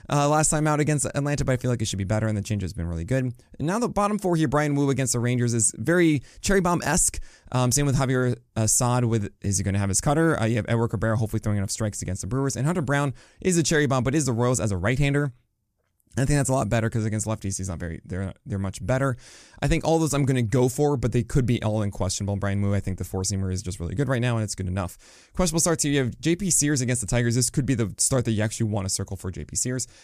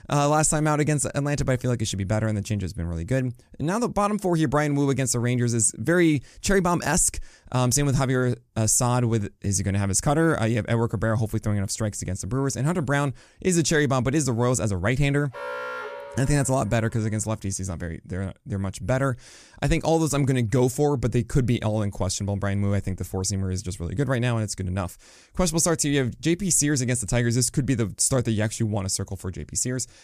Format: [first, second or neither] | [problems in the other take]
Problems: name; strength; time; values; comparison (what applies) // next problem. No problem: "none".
first | alarm; noticeable; from 15 to 17 s; peak 7 dB below the speech